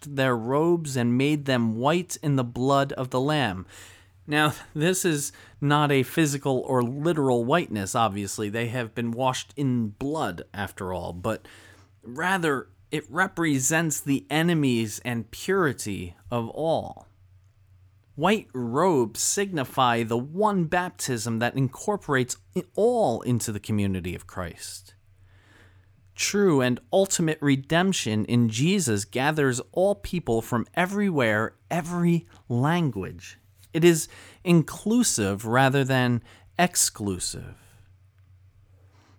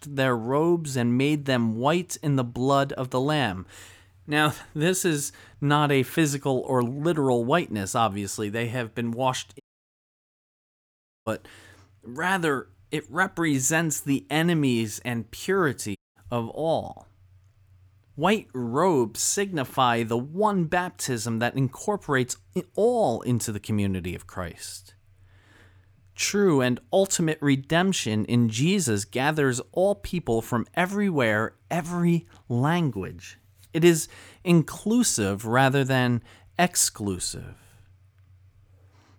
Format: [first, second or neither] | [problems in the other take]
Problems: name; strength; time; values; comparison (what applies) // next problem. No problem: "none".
first | audio cutting out; at 9.5 s for 1.5 s and at 16 s